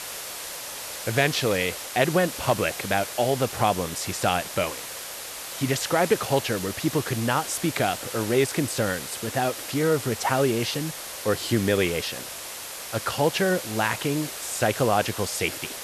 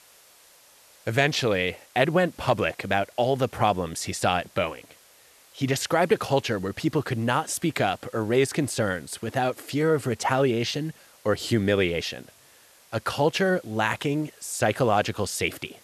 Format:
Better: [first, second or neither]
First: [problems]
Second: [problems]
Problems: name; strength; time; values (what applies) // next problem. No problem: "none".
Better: second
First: hiss; loud; throughout; 8 dB below the speech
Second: hiss; faint; throughout; 25 dB below the speech